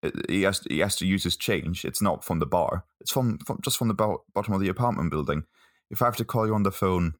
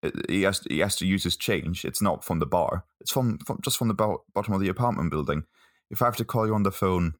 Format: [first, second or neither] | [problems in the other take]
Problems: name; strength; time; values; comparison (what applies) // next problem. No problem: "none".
neither | none